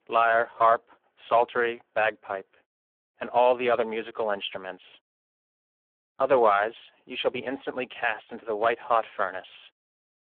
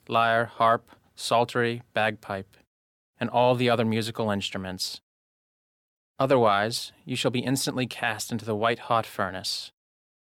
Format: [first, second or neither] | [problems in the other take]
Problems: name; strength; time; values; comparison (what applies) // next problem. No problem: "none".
second | phone-call audio; poor line